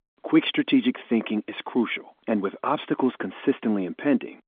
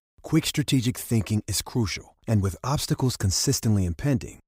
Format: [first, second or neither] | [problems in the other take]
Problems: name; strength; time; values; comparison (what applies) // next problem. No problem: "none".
second | phone-call audio; nothing above 3.5 kHz